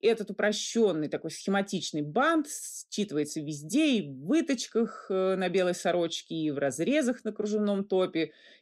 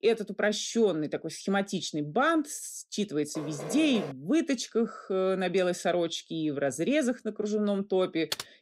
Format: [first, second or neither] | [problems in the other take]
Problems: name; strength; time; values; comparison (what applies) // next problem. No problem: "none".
first | door banging; noticeable; at 3.5 s; peak 8 dB below the speech // keyboard typing; noticeable; at 8.5 s; peak 6 dB below the speech